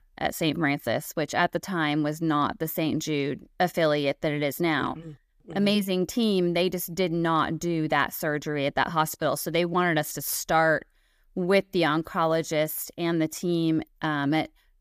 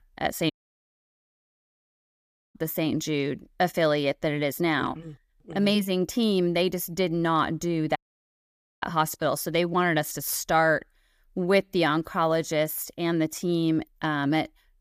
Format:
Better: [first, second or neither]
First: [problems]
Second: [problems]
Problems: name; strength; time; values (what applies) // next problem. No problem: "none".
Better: first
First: none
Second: audio cutting out; at 0.5 s for 2 s and at 8 s for 1 s